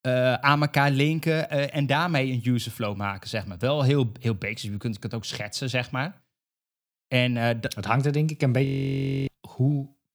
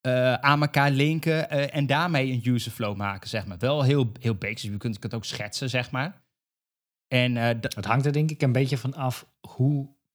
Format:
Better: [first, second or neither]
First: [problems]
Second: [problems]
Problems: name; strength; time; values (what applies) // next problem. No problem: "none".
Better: second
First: audio freezing; at 8.5 s for 0.5 s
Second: none